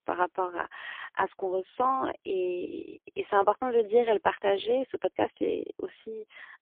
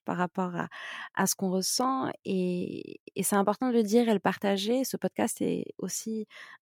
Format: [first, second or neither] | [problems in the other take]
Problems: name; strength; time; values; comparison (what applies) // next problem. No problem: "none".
second | phone-call audio; poor line